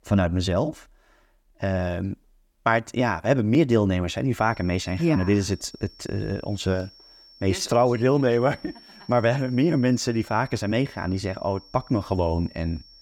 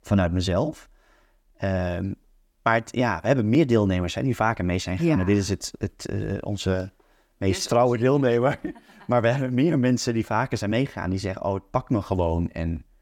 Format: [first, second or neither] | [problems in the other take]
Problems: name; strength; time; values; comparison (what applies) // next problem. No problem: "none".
second | high-pitched whine; faint; from 4.5 s on; 5.5 kHz, 25 dB below the speech